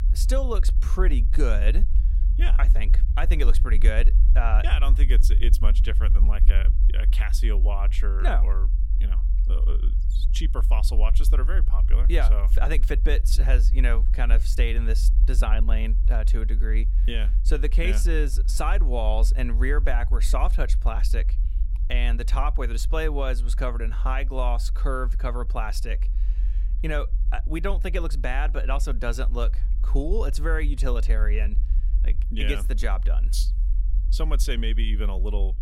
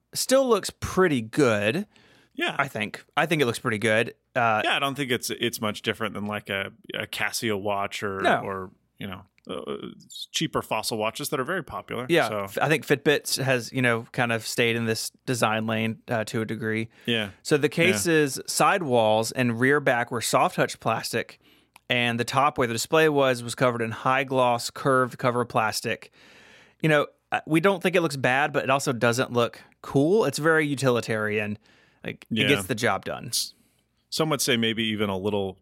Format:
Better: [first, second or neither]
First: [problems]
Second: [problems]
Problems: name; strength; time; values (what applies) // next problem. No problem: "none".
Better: second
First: low rumble; noticeable; throughout; 15 dB below the speech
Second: none